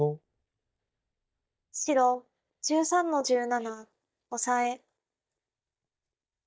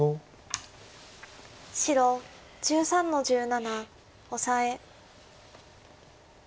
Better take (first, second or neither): second